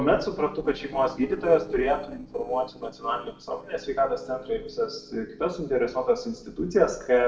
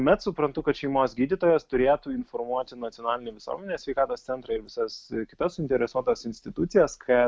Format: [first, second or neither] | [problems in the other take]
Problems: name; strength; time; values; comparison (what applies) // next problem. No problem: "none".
second | noise reduction (neural separator model SepFormer DNS4)